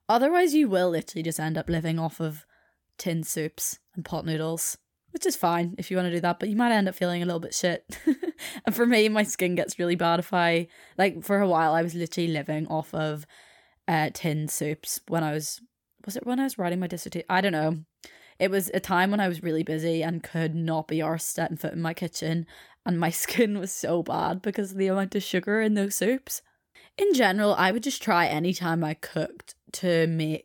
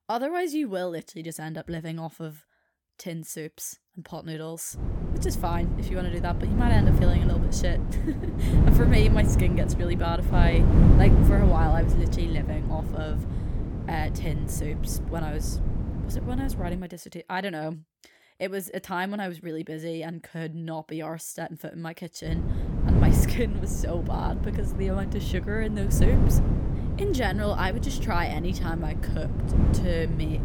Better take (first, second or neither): first